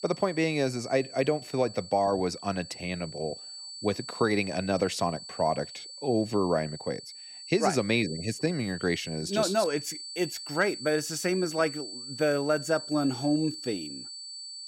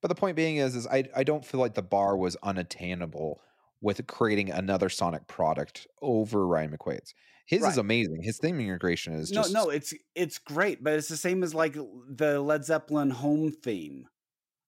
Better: second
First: high-pitched whine; noticeable; throughout; 4.5 kHz, 10 dB below the speech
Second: none

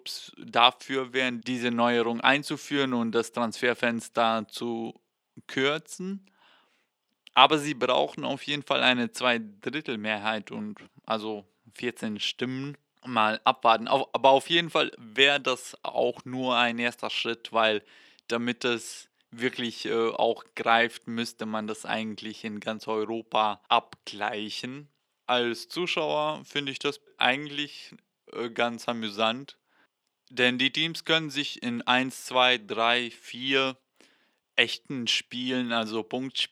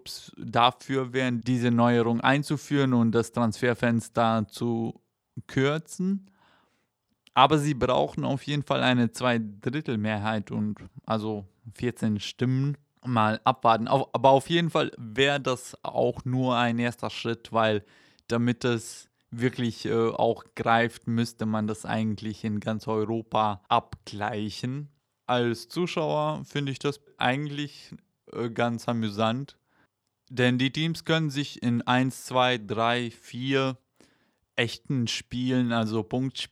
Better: second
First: thin; very slightly; fading below 300 Hz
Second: none

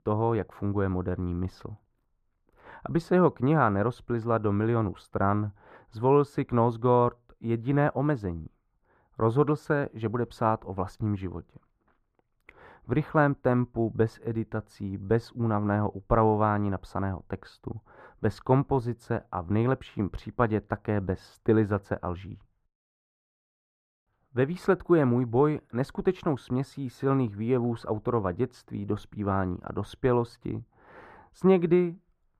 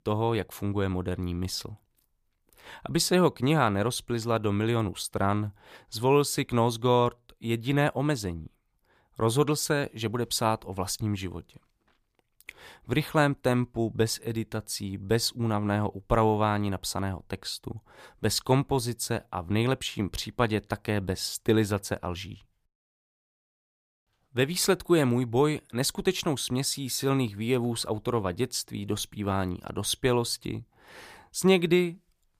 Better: second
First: muffled; very; fading above 2.5 kHz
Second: none

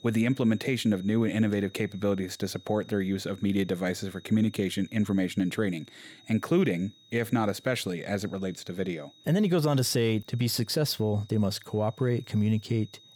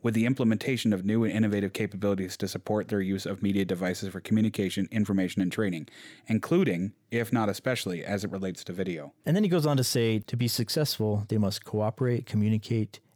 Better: second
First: high-pitched whine; faint; throughout; 4 kHz, 25 dB below the speech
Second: none

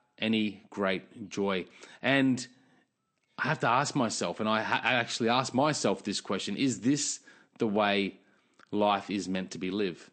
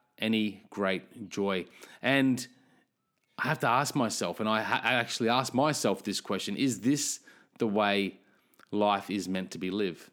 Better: second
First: garbled, watery; slightly; nothing above 8.5 kHz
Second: none

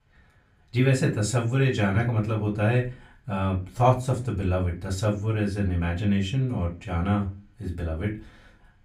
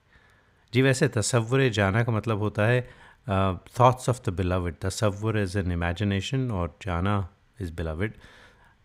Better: second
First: off-mic speech; far // room echo; very slight; dies away in 0.3 s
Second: none

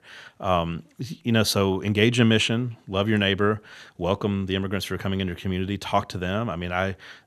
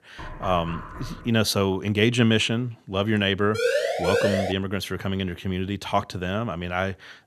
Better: first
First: none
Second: door banging; faint; until 1.5 s; peak 10 dB below the speech // siren; loud; at 3.5 s; peak 2 dB above the speech

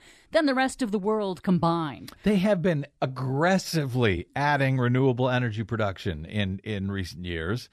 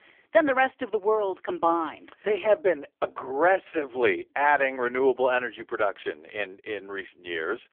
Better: first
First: none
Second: phone-call audio; poor line; nothing above 3.5 kHz

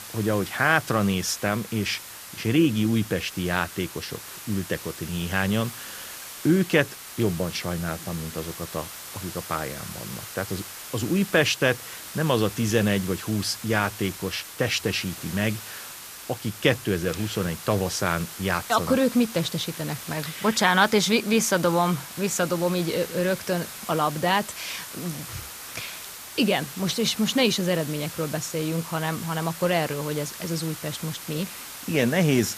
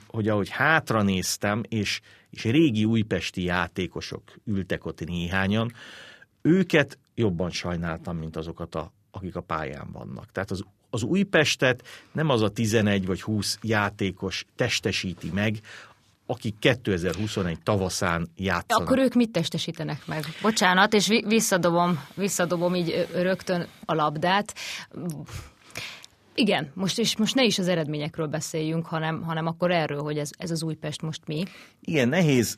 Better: second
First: hiss; noticeable; throughout; 10 dB below the speech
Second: none

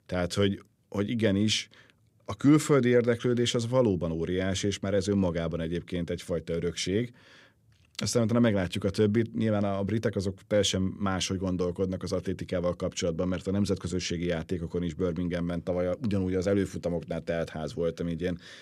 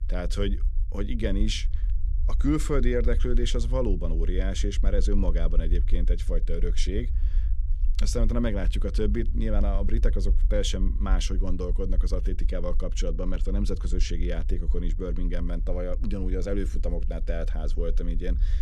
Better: first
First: none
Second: low rumble; noticeable; throughout; 20 dB below the speech

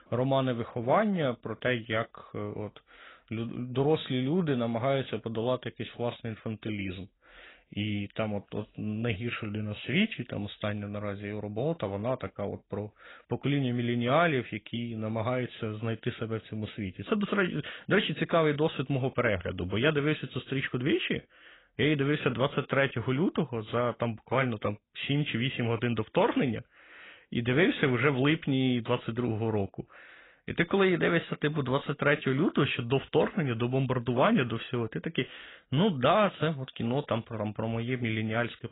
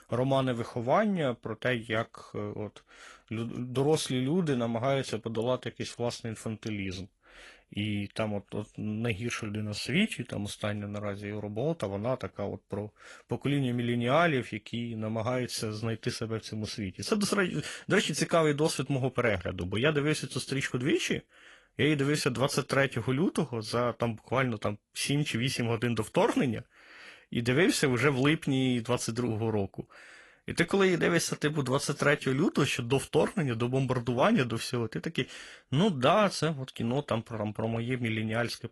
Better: second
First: garbled, watery; badly; nothing above 3.5 kHz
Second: garbled, watery; slightly; nothing above 11.5 kHz

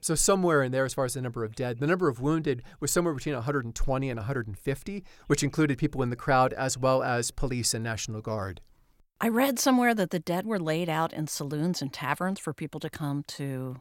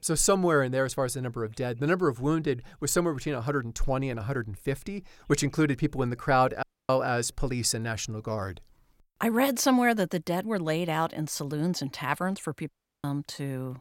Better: first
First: none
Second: audio cutting out; at 6.5 s and at 13 s

